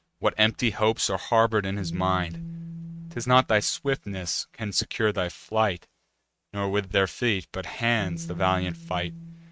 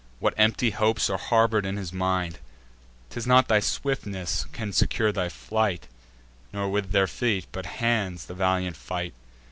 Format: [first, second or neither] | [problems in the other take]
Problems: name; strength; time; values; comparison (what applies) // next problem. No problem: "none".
second | noise reduction (neural mask model RNNoise)